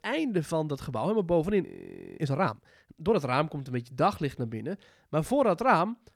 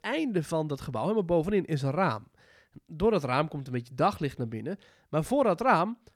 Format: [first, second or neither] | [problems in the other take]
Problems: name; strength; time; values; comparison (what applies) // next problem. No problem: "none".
second | audio freezing; at 1.5 s for 0.5 s